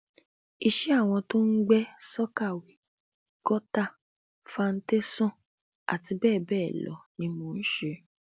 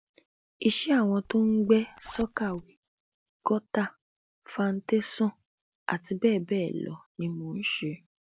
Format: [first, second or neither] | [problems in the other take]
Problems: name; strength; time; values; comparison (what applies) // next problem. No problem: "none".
first | background sound (Zipper (clothing)); 19 dB below the speech